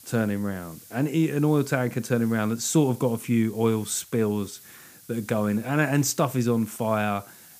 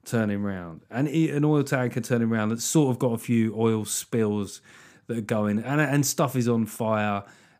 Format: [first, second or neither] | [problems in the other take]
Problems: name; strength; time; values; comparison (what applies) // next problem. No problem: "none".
second | hiss; faint; throughout; 20 dB below the speech